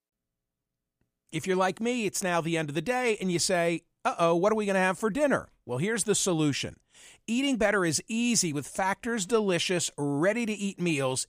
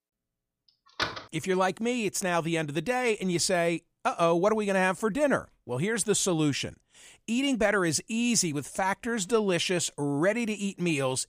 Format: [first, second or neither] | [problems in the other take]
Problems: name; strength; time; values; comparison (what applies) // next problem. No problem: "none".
first | door banging; noticeable; at 1 s; peak 5 dB below the speech